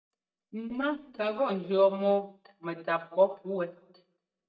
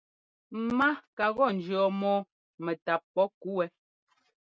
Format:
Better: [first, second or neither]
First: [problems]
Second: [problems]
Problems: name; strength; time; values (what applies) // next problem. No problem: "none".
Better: second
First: noise reduction (neural mask model DeepFilterNet 3)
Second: none